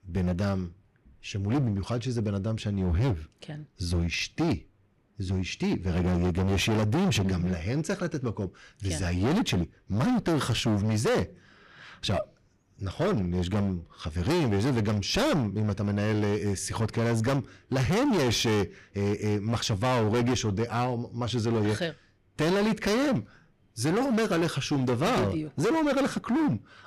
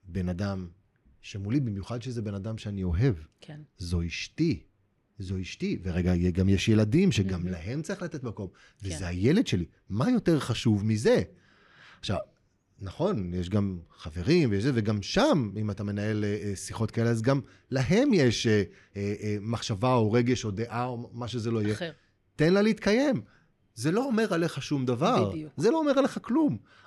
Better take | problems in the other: second | distortion; heavy; 20% of the sound clipped

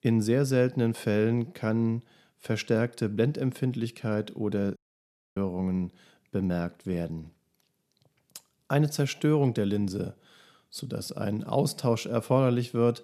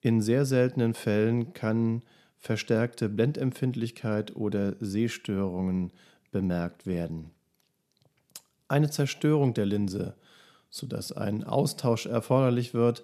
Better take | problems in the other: second | audio cutting out; at 5 s for 0.5 s

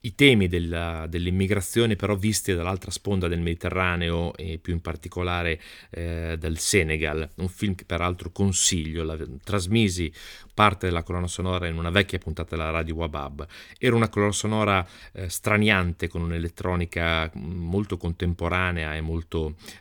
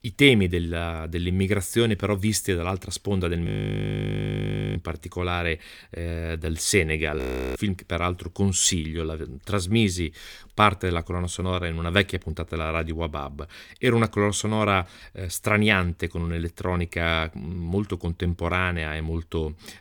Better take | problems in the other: first | audio freezing; at 3.5 s for 1.5 s and at 7 s

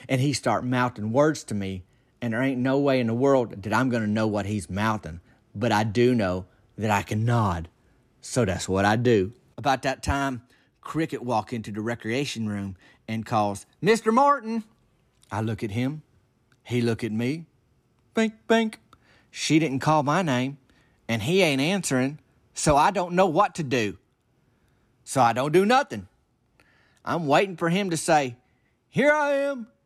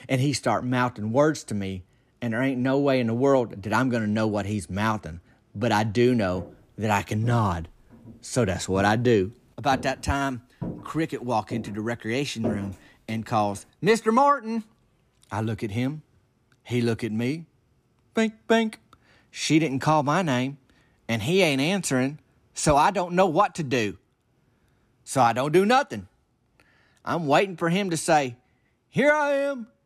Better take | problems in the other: first | footsteps; noticeable; from 6.5 to 13 s; peak 6 dB below the speech

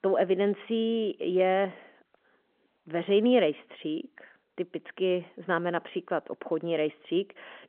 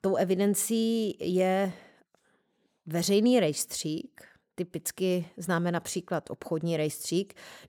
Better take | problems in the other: second | phone-call audio; nothing above 3.5 kHz

